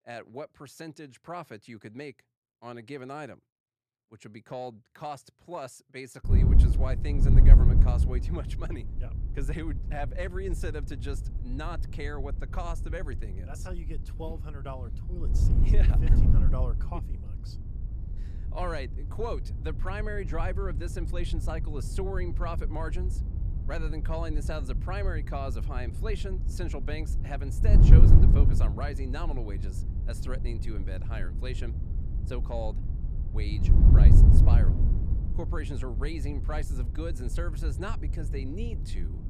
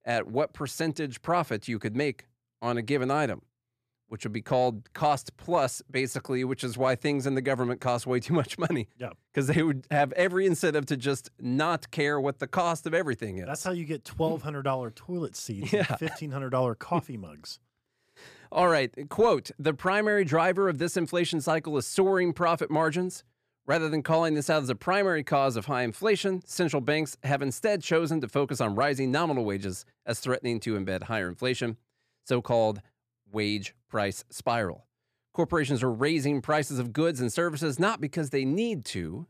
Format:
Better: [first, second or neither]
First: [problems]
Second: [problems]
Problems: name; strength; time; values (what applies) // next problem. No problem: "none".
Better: second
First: wind noise on the microphone; heavy; from 6 s on; 3 dB below the speech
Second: none